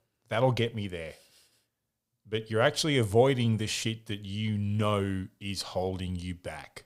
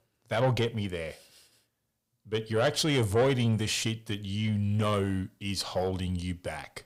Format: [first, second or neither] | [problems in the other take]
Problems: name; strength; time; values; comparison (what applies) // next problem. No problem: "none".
first | distortion; slight; 10 dB below the speech